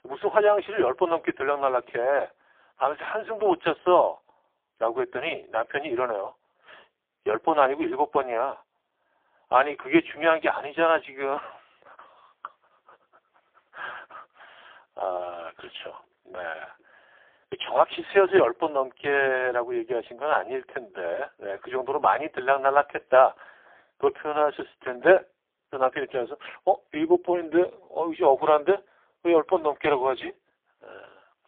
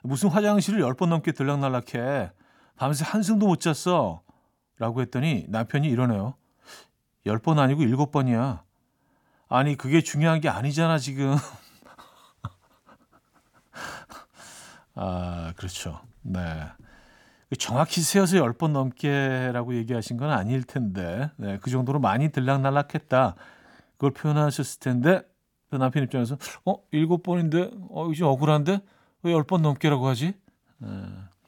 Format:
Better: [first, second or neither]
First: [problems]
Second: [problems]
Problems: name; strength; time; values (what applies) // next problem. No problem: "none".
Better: second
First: phone-call audio; poor line; nothing above 3 kHz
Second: none